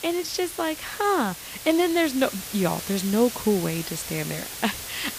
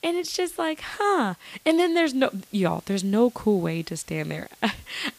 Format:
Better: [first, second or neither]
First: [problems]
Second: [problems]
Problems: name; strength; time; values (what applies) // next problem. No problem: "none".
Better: second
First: hiss; loud; throughout; 8 dB below the speech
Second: hiss; faint; throughout; 25 dB below the speech